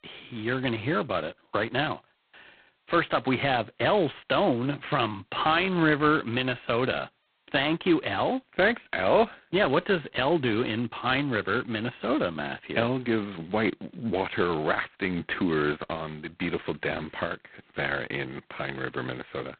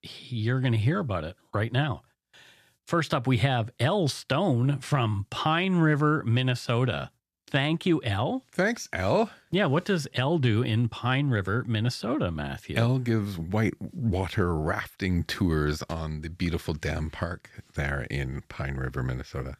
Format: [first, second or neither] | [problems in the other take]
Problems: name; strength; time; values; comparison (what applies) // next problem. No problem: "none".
second | phone-call audio; poor line; nothing above 4 kHz